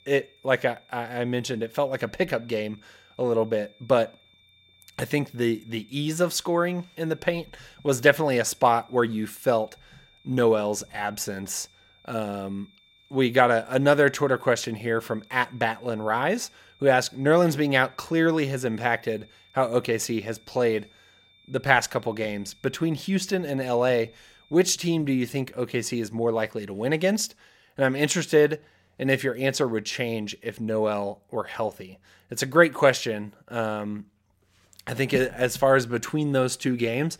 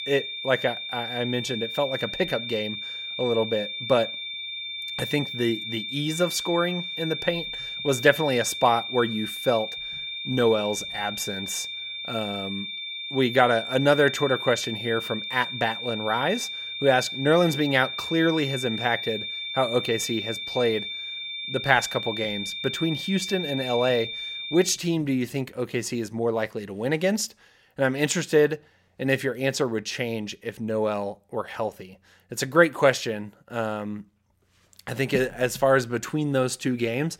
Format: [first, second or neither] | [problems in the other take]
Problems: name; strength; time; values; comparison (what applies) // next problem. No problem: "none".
first | high-pitched whine; loud; until 25 s; 3.5 kHz, 5 dB below the speech; faint in the first